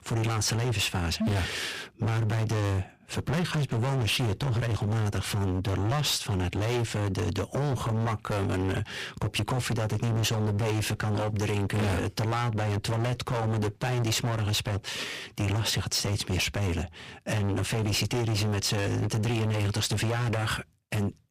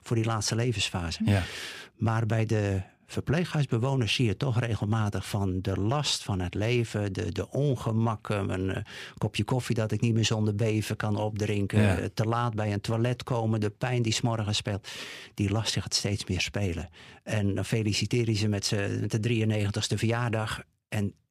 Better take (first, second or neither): second